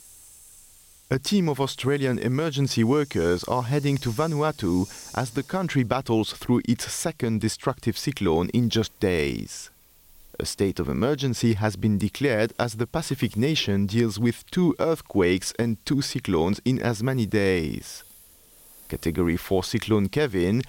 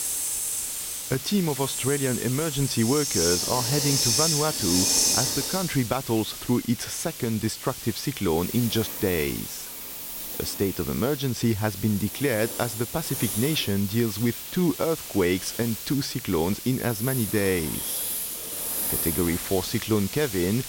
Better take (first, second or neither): first